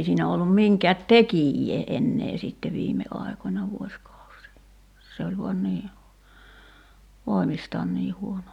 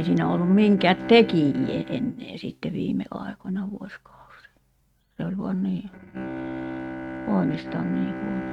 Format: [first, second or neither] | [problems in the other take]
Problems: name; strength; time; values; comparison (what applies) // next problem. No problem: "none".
first | noise reduction (neural mask model RNNoise)